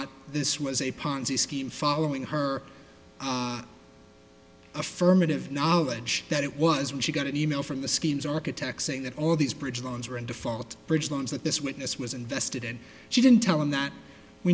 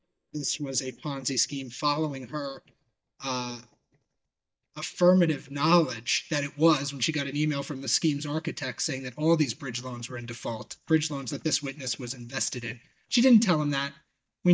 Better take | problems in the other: first | noise reduction (neural mask model DeepFilterNet 3)

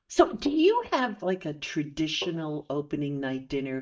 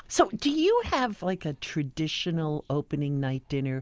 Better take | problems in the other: second | noise reduction (neural mask model DeepFilterNet 3)

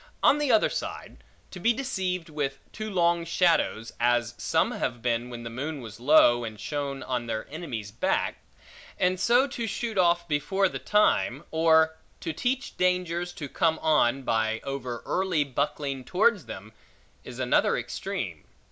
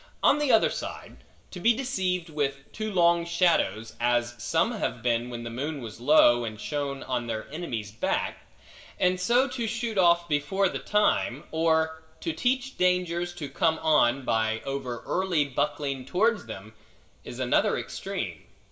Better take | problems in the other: first | room echo; dies away in 0.7 s

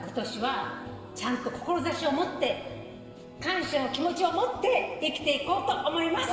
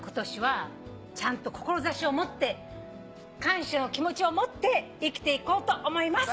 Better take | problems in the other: second | room echo; dies away in 2.1 s

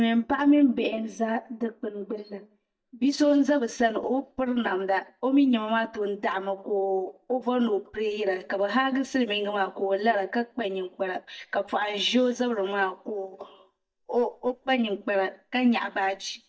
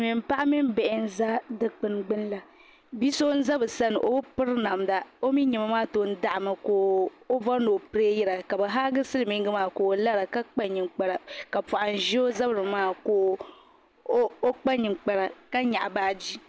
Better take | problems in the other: second | noise reduction (neural mask model DeepFilterNet 3)

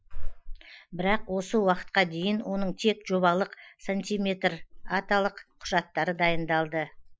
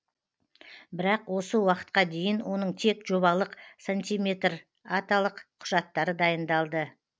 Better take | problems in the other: second | noise reduction (classical method Wiener filter)

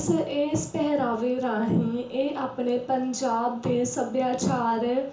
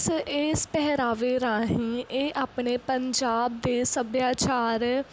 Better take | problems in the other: second | room echo; dies away in 0.7 s

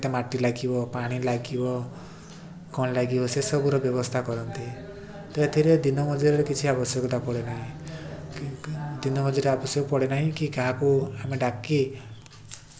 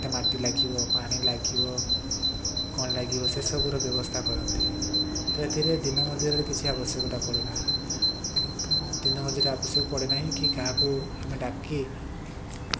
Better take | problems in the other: first | background sound (Bird vocalization, bird call, bird song); 4 dB above the speech

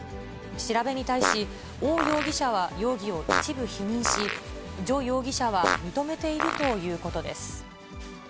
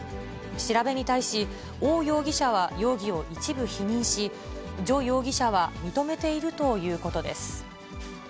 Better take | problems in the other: second | background sound (Fart); 3 dB below the speech

